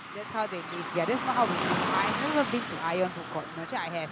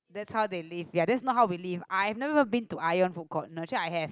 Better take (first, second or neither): second